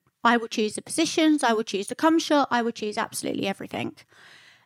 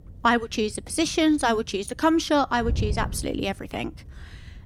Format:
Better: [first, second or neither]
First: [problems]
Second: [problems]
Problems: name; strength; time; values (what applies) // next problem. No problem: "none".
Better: first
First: none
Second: wind noise on the microphone; occasional gusts; 25 dB below the speech